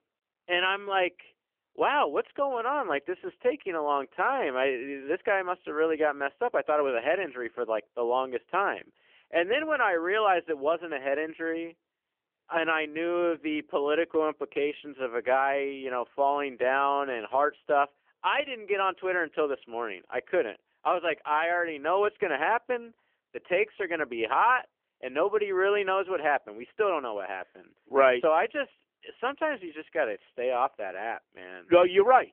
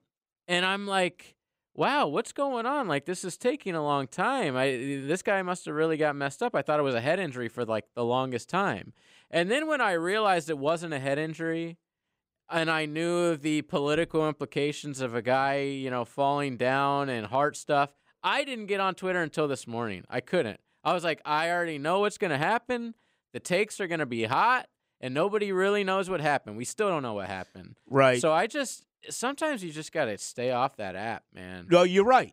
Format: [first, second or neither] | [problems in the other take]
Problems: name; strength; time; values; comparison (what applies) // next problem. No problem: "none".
second | phone-call audio; nothing above 3 kHz